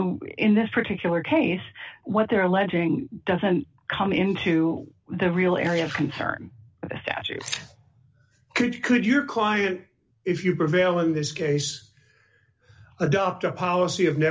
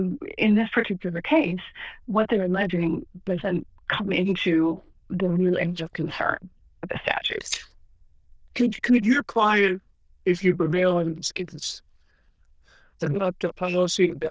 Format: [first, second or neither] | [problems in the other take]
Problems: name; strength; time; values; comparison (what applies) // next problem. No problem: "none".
first | noise reduction (neural diffusion model UNIVERSE++)